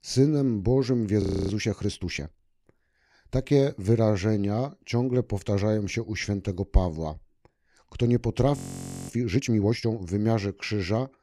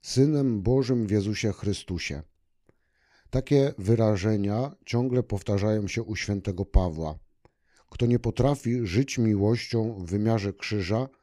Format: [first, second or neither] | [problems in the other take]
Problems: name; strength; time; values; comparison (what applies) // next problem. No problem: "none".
second | audio freezing; at 1 s and at 8.5 s for 0.5 s